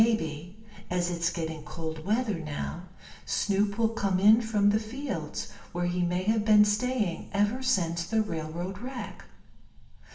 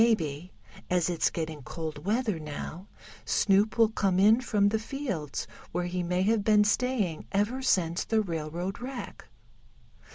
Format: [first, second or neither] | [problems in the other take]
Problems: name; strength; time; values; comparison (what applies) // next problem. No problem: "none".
second | room echo; dies away in 0.9 s